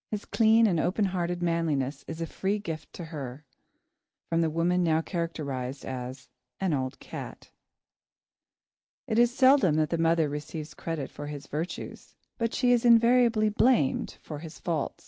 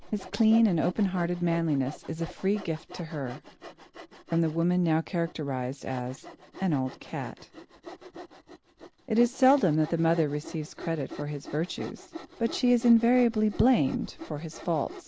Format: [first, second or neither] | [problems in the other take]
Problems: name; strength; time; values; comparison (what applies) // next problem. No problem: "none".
first | background sound (Sawing); 17 dB below the speech